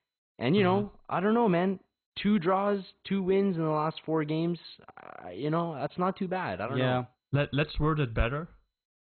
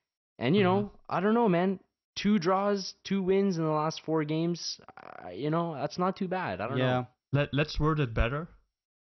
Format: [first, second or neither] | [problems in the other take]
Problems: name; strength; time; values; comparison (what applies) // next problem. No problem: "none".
second | garbled, watery; badly; nothing above 4 kHz; slightly in the second